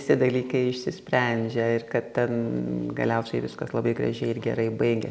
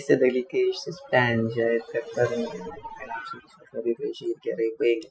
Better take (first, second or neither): first